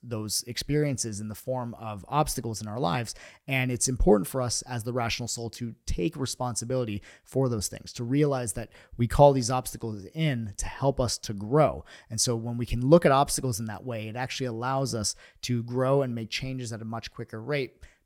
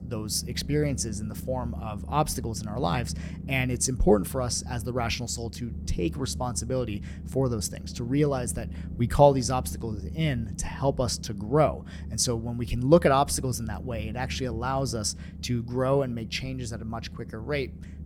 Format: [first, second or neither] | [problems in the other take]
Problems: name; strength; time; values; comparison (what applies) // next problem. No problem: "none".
first | low rumble; faint; throughout; 20 dB below the speech